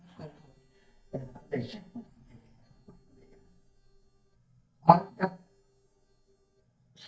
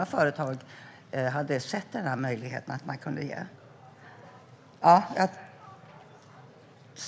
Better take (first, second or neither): second